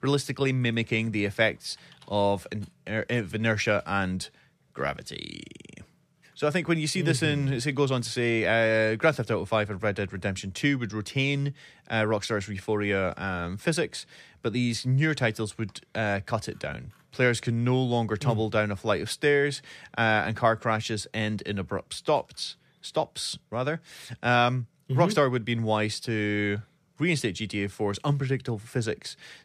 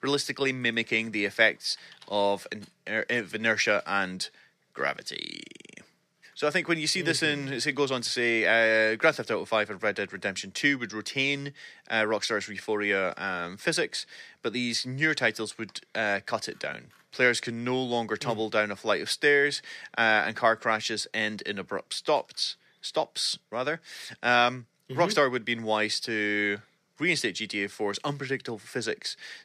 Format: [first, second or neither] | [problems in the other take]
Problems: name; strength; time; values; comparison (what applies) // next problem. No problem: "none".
first | thin; somewhat; fading below 250 Hz